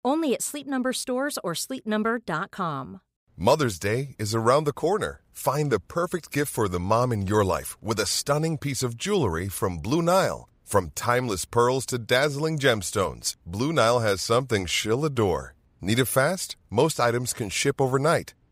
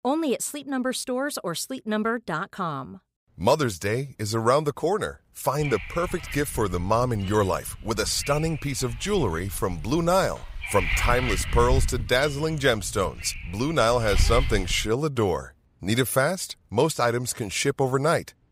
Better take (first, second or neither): first